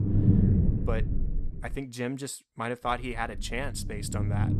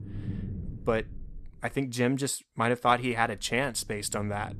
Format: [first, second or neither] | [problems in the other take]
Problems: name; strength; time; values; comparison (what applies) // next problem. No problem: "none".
second | low rumble; loud; until 2 s and from 3 s on; 3 dB below the speech; faint in the second